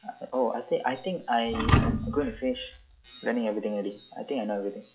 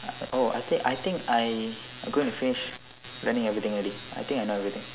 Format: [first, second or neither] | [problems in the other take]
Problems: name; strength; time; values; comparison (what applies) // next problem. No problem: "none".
second | noise reduction (classical method log-MMSE)